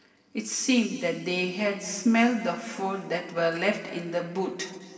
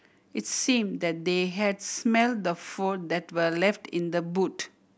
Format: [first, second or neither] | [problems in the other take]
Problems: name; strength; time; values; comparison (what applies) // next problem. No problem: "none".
second | room echo; dies away in 2.7 s